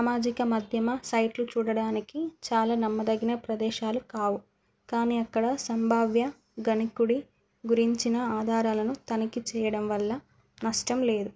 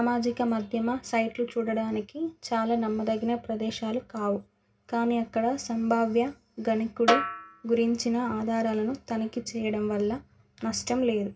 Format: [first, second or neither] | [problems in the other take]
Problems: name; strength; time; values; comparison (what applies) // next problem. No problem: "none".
first | background sound (Snare drum); 4 dB below the speech // room echo; dies away in 0.4 s